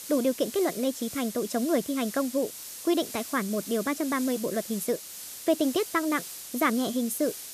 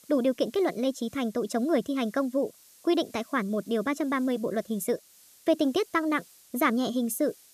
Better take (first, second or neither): second